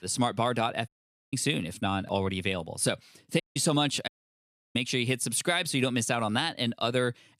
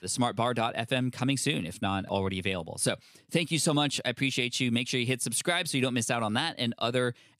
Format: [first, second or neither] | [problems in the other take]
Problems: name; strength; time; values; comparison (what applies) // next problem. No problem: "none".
second | audio cutting out; at 1 s, at 3.5 s and at 4 s for 0.5 s